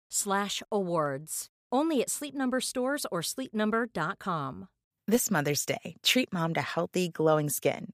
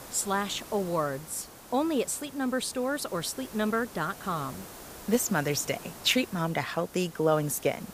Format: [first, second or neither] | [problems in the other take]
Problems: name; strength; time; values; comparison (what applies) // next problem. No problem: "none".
first | hiss; noticeable; throughout; 15 dB below the speech